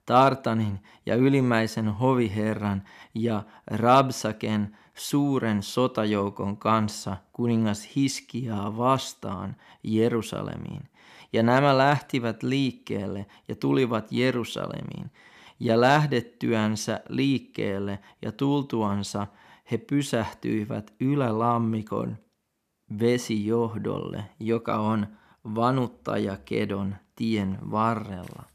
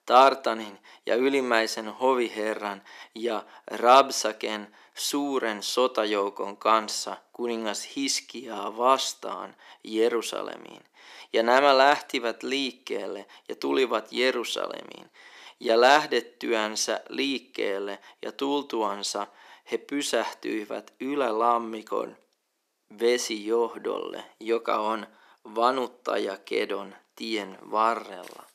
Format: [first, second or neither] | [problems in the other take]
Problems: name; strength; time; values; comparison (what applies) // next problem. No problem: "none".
first | thin; somewhat; fading below 350 Hz